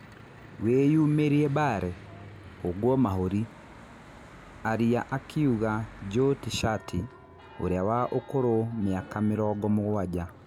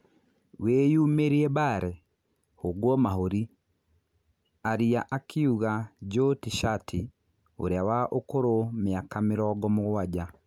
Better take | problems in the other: second | background sound (Church bell / Traffic noise, roadway noise); 19 dB below the speech

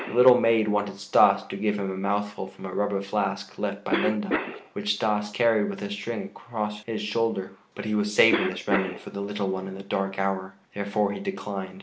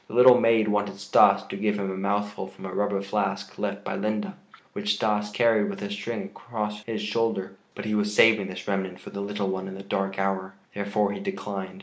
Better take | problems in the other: second | background sound (Cough); 11 dB below the speech

